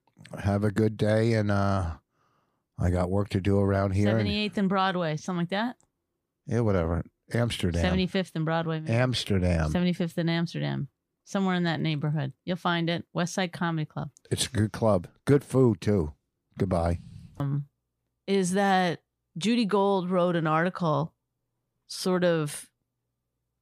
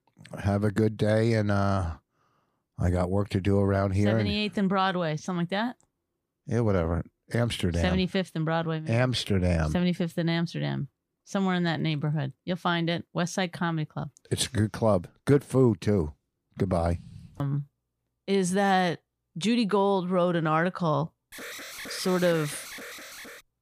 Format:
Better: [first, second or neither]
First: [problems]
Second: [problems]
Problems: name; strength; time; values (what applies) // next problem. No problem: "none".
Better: first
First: none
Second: alarm; faint; from 21 s on; peak 10 dB below the speech